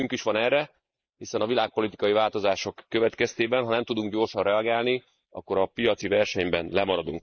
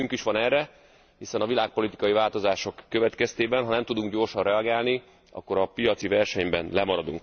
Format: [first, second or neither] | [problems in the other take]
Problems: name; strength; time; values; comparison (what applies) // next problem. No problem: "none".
second | noise reduction (neural mask model Resemble Enhance denoiser)